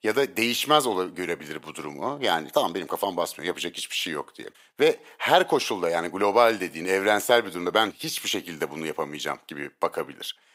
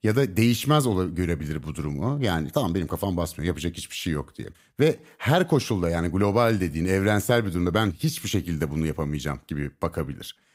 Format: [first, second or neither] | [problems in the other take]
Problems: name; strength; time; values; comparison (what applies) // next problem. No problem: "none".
second | thin; very; fading below 450 Hz